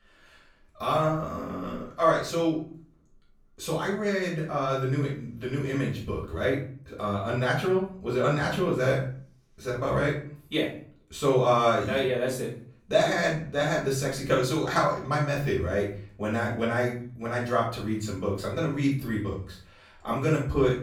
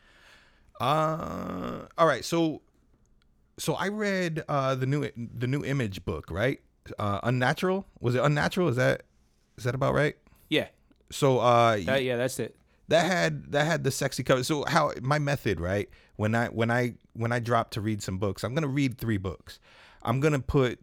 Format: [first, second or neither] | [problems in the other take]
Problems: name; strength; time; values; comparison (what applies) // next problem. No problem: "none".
second | off-mic speech; far // room echo; noticeable; dies away in 0.4 s